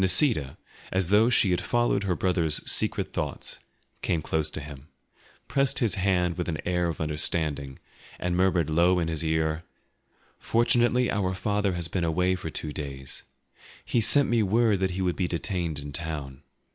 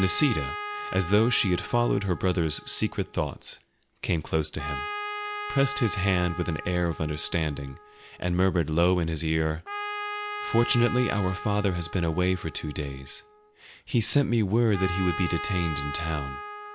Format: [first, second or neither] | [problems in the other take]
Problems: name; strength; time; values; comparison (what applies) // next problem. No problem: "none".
first | background sound (Trumpet); 10 dB below the speech